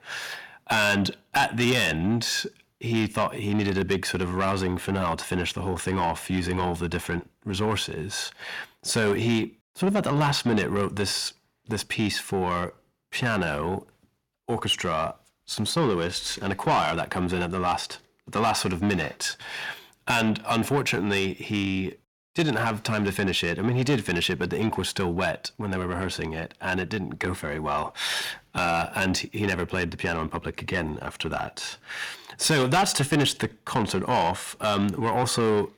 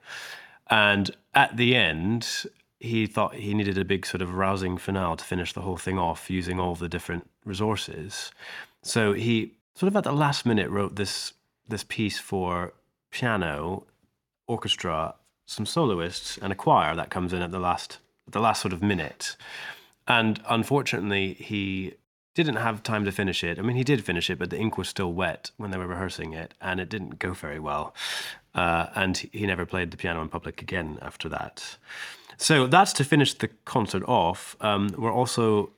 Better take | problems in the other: second | distortion; heavy; 8 dB below the speech

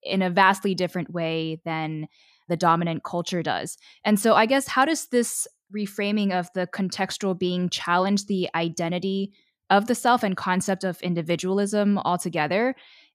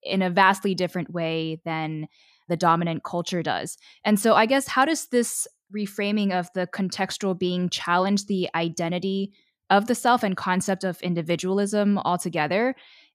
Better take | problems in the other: neither | none

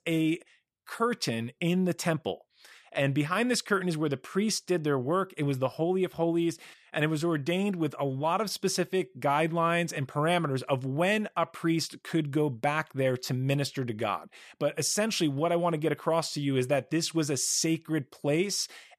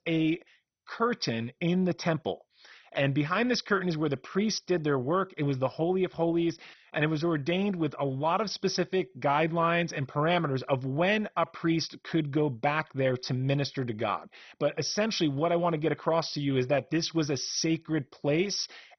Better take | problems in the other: first | garbled, watery; badly; nothing above 6 kHz

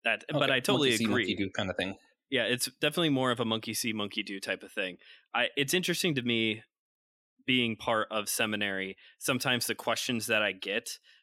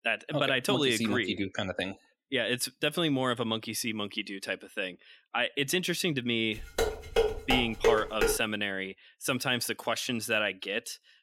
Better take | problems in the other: first | clattering dishes; loud; from 6.5 to 8.5 s; peak 3 dB above the speech

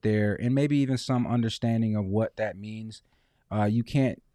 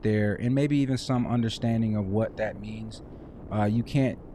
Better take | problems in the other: first | wind noise on the microphone; occasional gusts; 20 dB below the speech

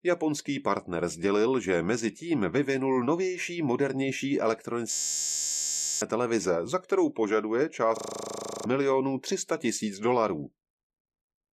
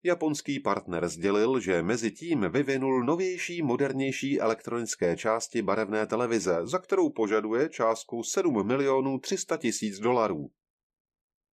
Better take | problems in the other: second | audio freezing; at 5 s for 1 s and at 8 s for 0.5 s

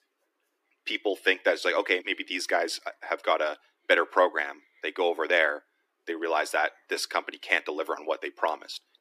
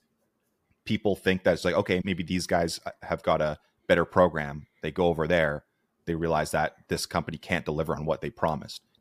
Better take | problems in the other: second | thin; very; fading below 300 Hz

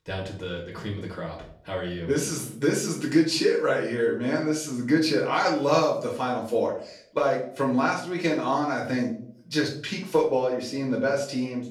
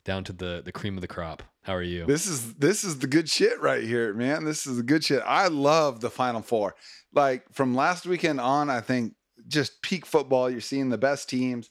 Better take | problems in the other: second | off-mic speech; far // room echo; slight; dies away in 0.4 s

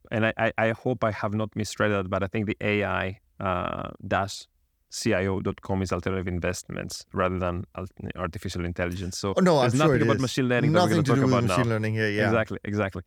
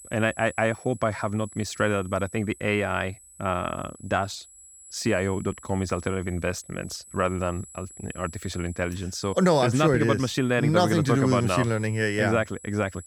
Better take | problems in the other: first | high-pitched whine; noticeable; throughout; 8 kHz, 20 dB below the speech

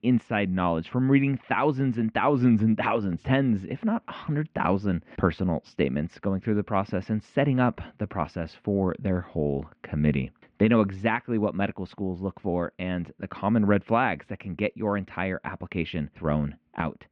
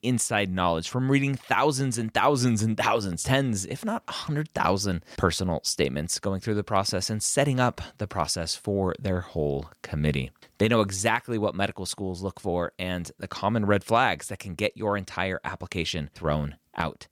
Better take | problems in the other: second | muffled; very; fading above 2.5 kHz

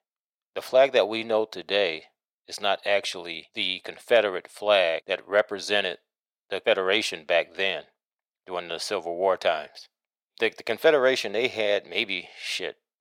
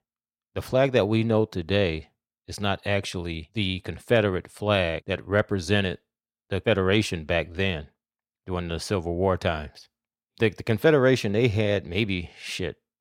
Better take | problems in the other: second | thin; very; fading below 450 Hz

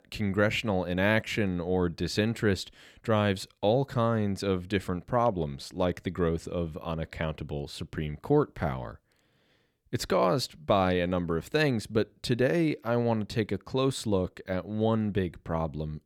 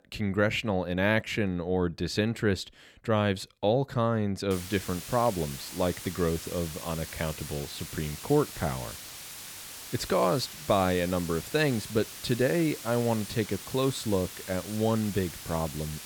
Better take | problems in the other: first | hiss; noticeable; from 4.5 s on; 10 dB below the speech

